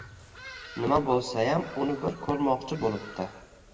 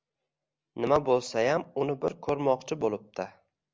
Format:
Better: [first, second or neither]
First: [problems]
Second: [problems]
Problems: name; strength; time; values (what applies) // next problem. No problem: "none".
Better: second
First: background sound (Bird vocalization, bird call, bird song); 18 dB below the speech // room echo; dies away in 1.3 s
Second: none